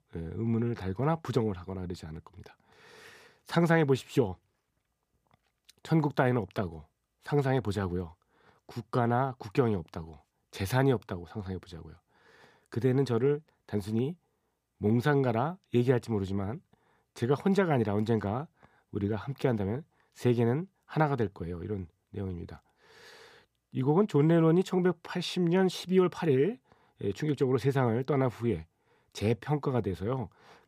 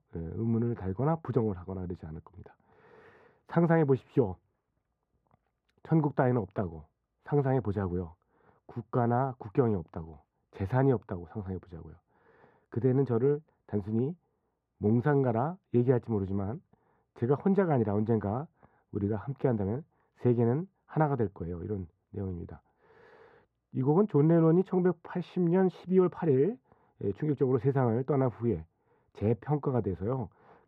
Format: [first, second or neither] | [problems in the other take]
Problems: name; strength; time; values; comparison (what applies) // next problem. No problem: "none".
first | muffled; very; fading above 2.5 kHz